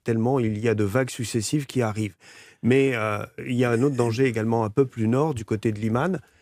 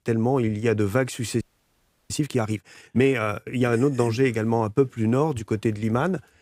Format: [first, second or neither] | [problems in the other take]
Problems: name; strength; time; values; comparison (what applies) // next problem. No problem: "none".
first | audio freezing; at 1.5 s for 0.5 s